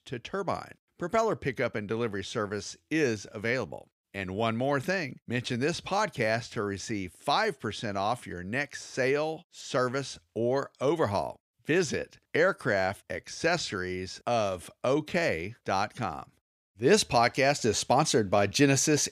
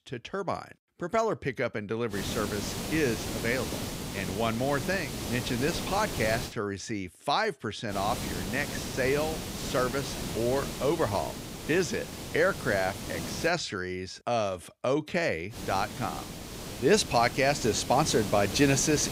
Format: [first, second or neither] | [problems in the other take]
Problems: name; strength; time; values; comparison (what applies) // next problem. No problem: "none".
first | hiss; loud; from 2 to 6.5 s, from 8 to 13 s and from 16 s on; 7 dB below the speech